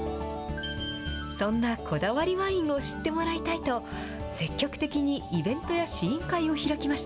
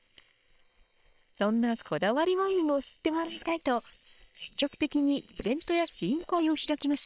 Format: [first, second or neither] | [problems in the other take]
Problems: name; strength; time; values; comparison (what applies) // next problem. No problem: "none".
first | noise reduction (neural separator model SepFormer WHAM!)